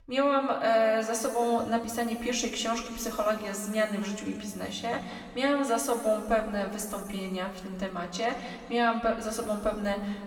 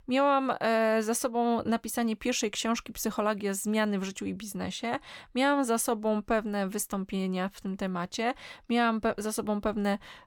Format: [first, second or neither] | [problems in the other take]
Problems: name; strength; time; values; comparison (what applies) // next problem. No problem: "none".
second | room echo; noticeable; dies away in 1.9 s // off-mic speech; far